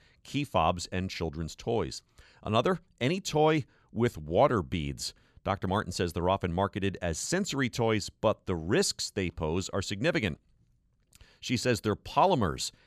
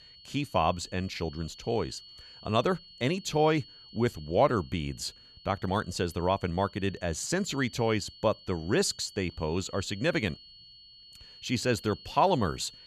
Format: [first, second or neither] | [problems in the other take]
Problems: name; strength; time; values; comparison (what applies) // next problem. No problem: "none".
first | high-pitched whine; noticeable; throughout; 4.5 kHz, 20 dB below the speech